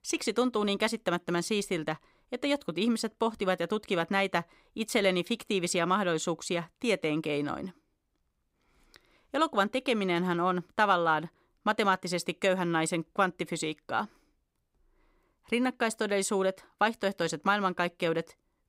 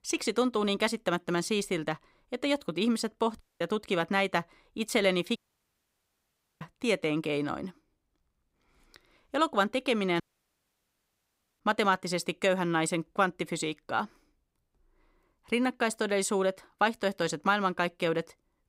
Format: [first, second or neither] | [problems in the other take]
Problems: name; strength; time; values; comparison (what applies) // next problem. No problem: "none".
first | audio cutting out; at 3.5 s, at 5.5 s for 1.5 s and at 10 s for 1.5 s